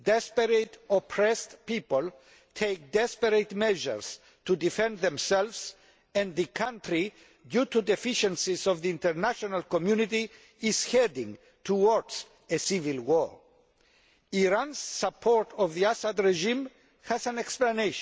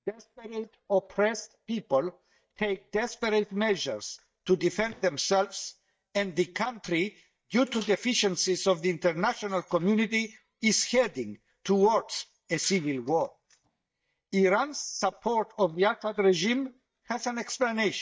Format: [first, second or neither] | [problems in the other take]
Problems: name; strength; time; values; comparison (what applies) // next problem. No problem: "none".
first | noise reduction (neural mask model DeepFilterNet 3)